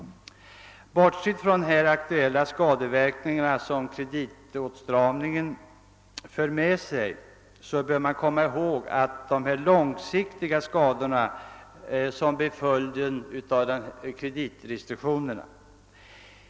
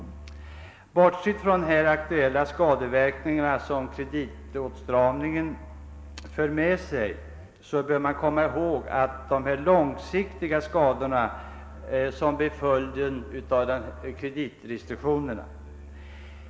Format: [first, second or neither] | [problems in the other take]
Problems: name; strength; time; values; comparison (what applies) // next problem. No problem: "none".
first | background sound (Musical instrument); 17 dB below the speech // room echo; dies away in 2.5 s